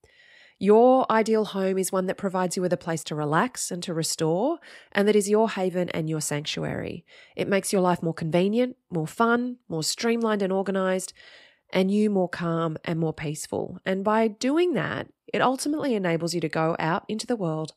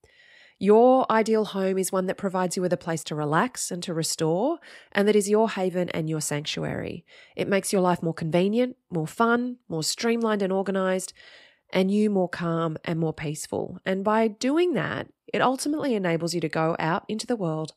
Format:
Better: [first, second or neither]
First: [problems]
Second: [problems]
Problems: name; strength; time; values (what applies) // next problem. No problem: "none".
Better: neither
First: none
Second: none